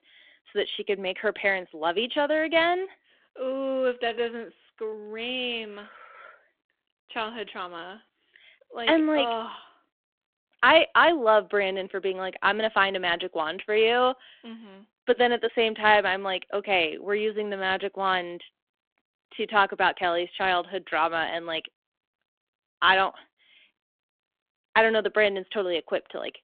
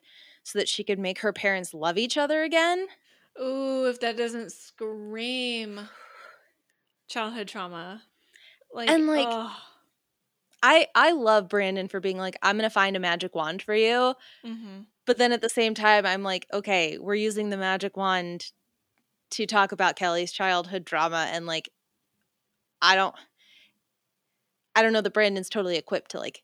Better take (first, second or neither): second